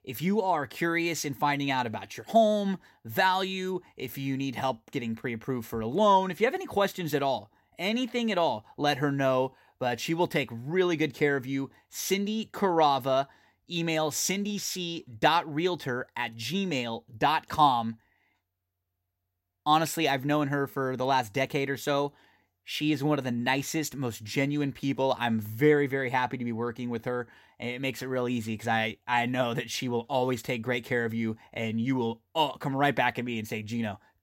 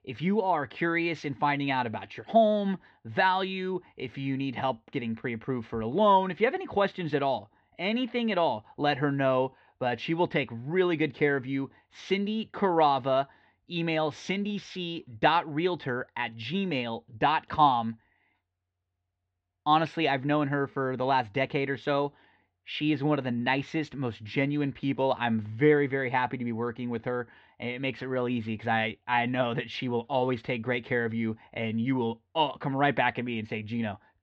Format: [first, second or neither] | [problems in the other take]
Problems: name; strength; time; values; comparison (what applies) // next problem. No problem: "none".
first | muffled; slightly; fading above 3.5 kHz